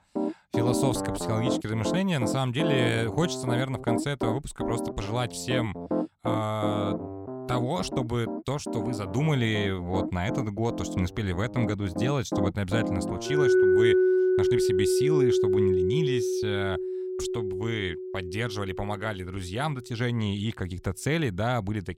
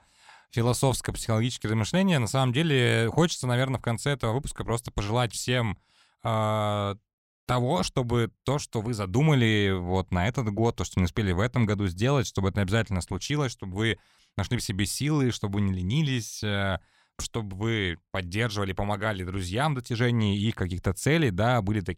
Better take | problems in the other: second | background music; very loud; throughout; 1 dB above the speech

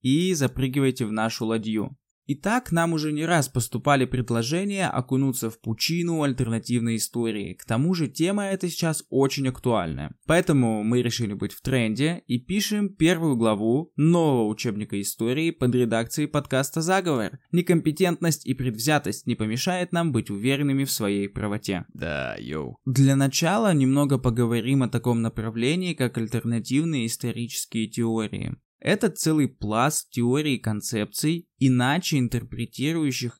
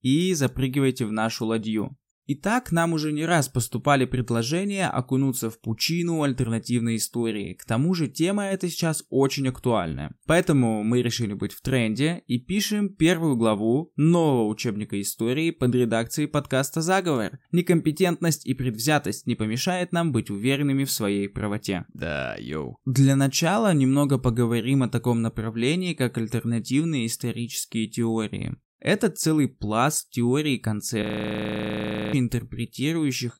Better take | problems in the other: first | audio freezing; at 31 s for 1 s

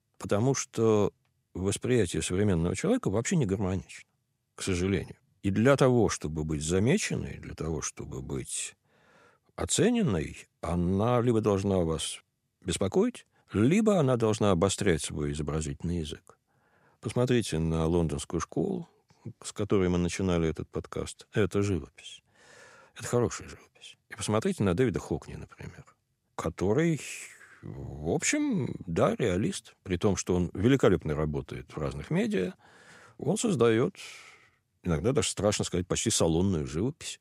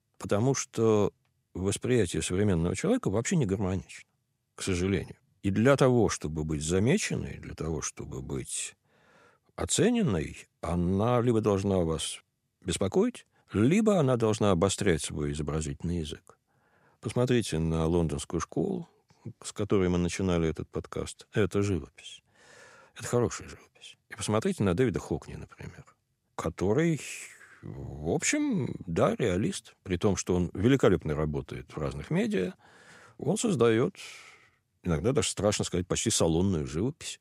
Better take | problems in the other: neither | none

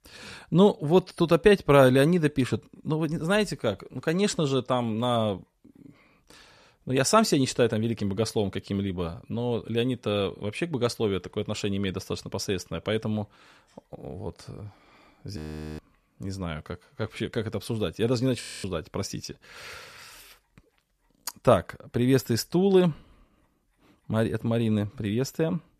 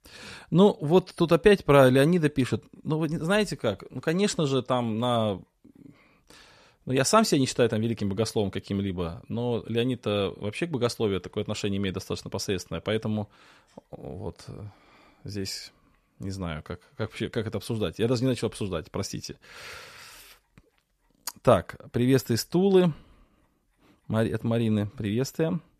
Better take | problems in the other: second | audio freezing; at 15 s and at 18 s

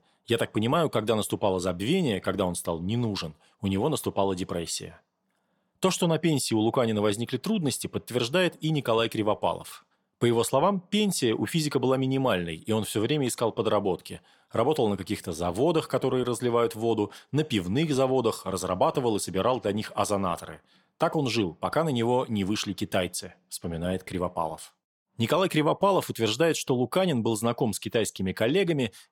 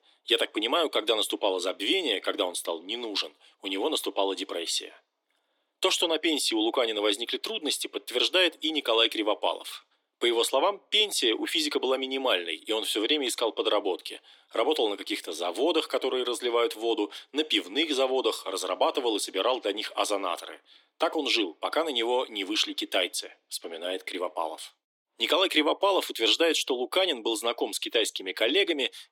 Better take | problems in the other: first | thin; somewhat; fading below 300 Hz

